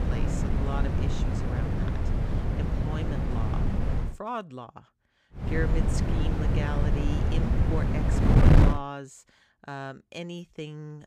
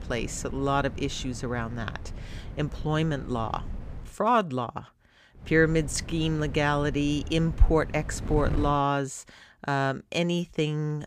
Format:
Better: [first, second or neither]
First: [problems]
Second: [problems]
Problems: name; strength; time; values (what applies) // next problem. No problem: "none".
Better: second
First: wind noise on the microphone; heavy; until 4 s and from 5.5 to 8.5 s; 3 dB above the speech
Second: wind noise on the microphone; occasional gusts; until 4 s and from 5.5 to 8.5 s; 20 dB below the speech